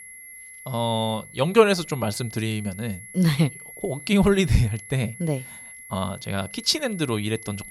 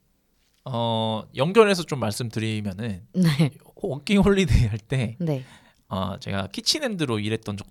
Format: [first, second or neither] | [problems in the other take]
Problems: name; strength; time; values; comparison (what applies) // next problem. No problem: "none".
second | high-pitched whine; noticeable; throughout; 2 kHz, 15 dB below the speech